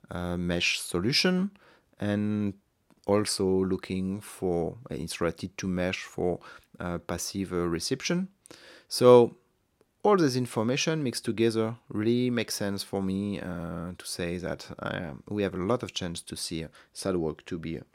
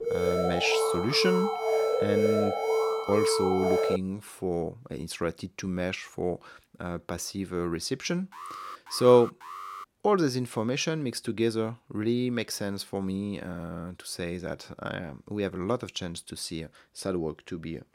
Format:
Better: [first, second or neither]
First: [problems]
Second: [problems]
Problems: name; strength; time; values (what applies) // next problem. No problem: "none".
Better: first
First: none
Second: alarm; loud; until 4 s; peak 5 dB above the speech // alarm; noticeable; from 8.5 to 10 s; peak 10 dB below the speech